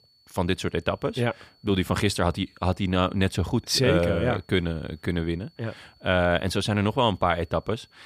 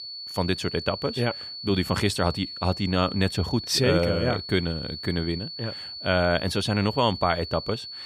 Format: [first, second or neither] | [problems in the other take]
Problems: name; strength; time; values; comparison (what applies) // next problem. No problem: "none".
first | high-pitched whine; loud; throughout; 4.5 kHz, 9 dB below the speech; faint in the first